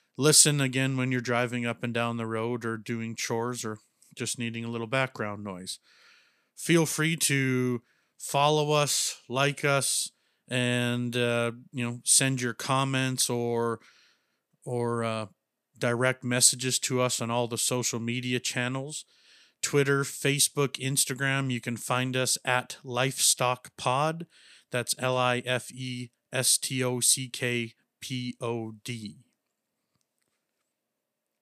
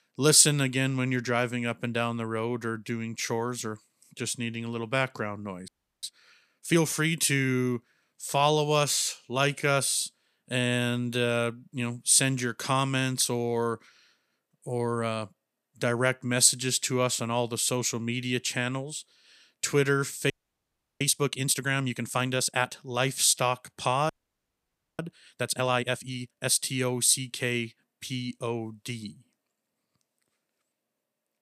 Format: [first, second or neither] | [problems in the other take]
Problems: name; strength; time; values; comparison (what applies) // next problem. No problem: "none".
first | audio freezing; at 5.5 s, at 20 s for 0.5 s and at 24 s for 1 s